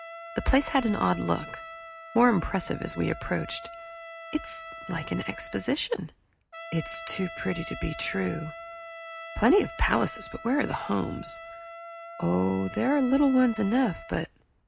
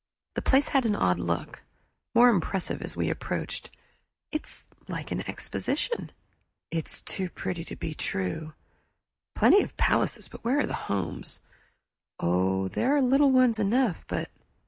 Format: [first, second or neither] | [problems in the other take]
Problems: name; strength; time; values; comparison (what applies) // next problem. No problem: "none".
second | background sound (Trumpet); 14 dB below the speech